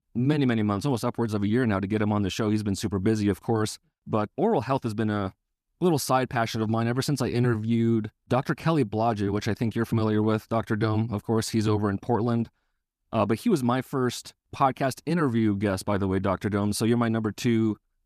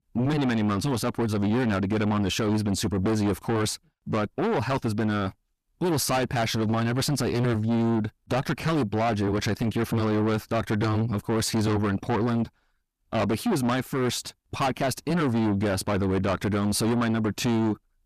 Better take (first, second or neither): first